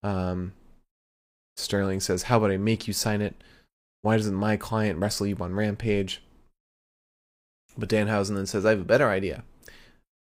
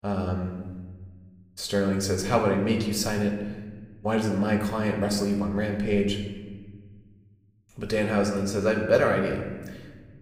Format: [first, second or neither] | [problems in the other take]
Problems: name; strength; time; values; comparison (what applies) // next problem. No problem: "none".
first | room echo; slight; dies away in 1.2 s // off-mic speech; somewhat distant